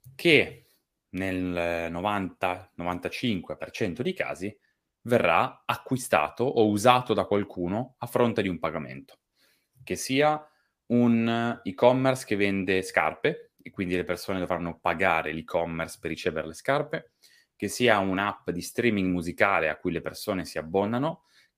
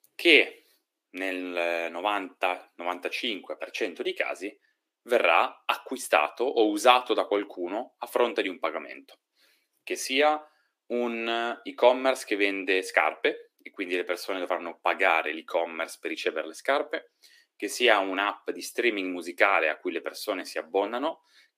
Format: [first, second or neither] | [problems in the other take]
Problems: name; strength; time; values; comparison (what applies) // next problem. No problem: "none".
first | thin; somewhat; fading below 300 Hz